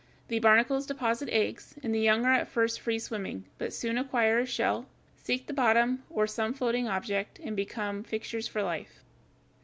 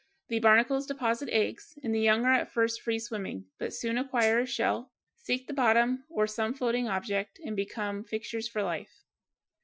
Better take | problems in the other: first | noise reduction (classical method Wiener filter)

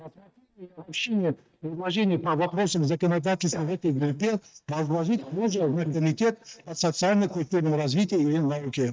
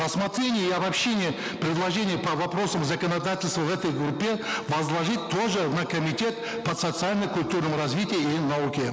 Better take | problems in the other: second | noise reduction (neural mask model DeepFilterNet 3)

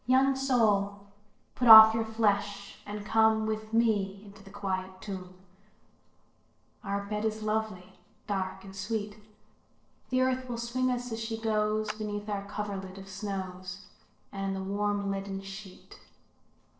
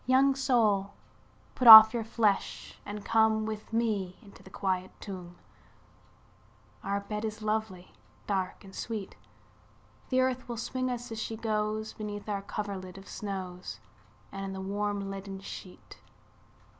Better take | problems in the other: second | noise reduction (neural separator model SepFormer DNS4)

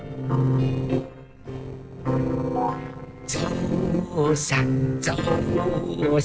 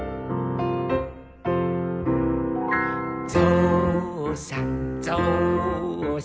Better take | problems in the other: second | noise reduction (neural separator model SepFormer DNS4)

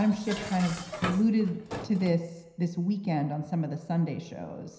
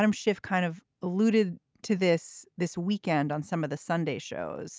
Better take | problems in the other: second | background sound (Dishes, pots, and pans); 12 dB below the speech // room echo; dies away in 0.9 s

